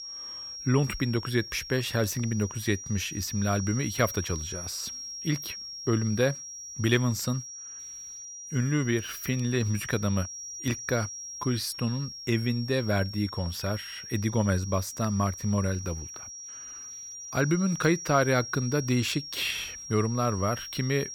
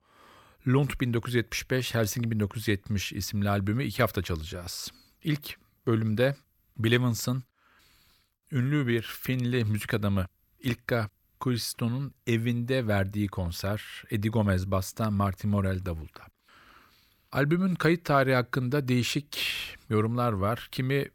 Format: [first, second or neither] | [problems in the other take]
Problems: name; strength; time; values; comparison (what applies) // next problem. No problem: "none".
second | high-pitched whine; loud; throughout; 5.5 kHz, 9 dB below the speech